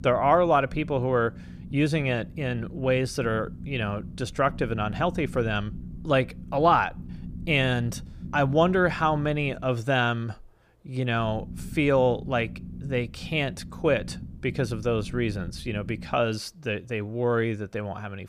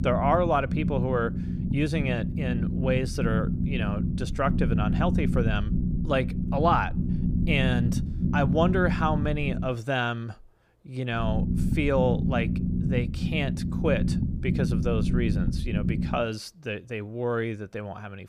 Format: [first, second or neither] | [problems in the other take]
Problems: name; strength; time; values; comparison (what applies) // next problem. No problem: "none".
first | low rumble; loud; until 9.5 s and from 11 to 16 s; 8 dB below the speech; faint in the first